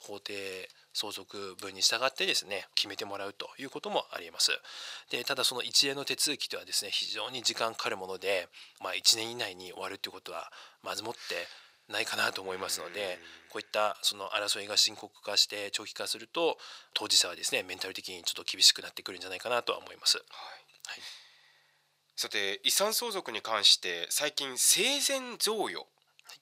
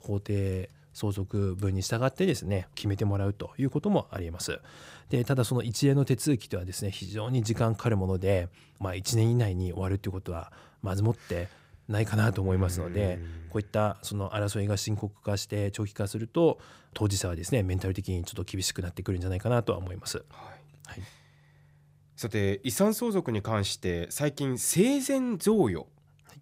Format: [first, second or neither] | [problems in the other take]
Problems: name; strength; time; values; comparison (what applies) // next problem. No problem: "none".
second | thin; very; fading below 750 Hz